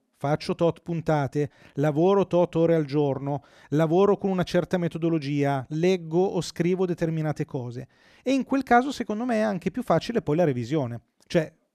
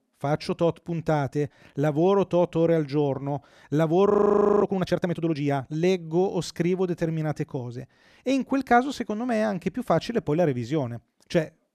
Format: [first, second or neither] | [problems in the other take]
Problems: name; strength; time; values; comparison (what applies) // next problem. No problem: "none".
first | audio freezing; at 4 s for 0.5 s